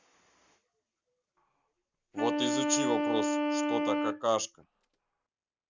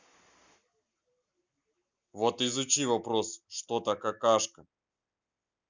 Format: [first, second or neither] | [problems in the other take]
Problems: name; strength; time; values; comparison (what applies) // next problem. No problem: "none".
second | background sound (Wind instrument, woodwind instrument); 4 dB above the speech